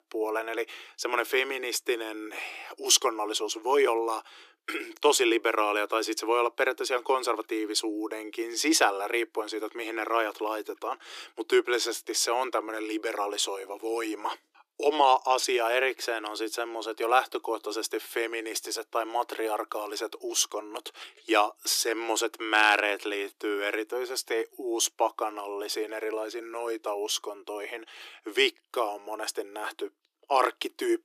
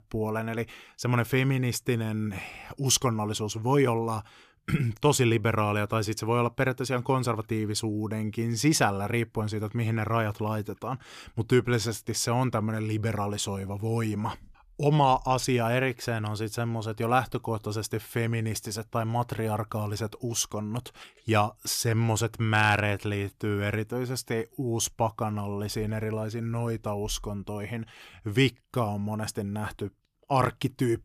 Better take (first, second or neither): second